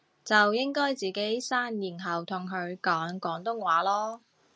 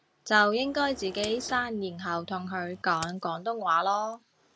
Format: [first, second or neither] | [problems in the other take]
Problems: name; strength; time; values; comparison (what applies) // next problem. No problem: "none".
first | background sound (Engine / Mechanisms + Crack); 18 dB below the speech